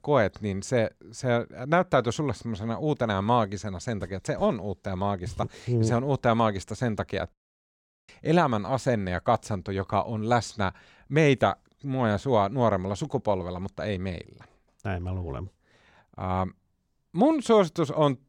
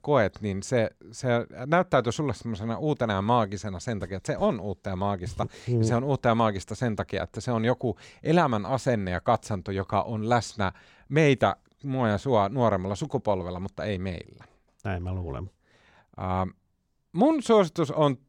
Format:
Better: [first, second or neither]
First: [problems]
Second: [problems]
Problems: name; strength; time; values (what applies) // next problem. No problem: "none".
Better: second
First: audio cutting out; at 7.5 s for 1 s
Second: none